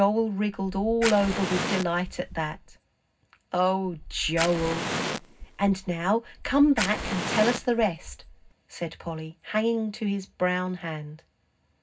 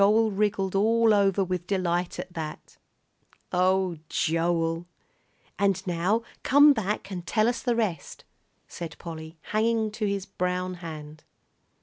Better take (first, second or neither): second